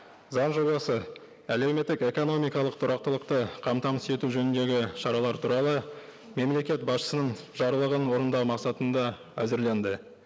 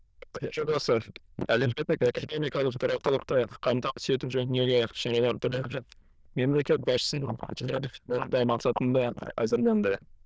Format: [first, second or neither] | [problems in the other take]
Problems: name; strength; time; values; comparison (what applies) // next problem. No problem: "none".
first | noise reduction (neural diffusion model UNIVERSE++)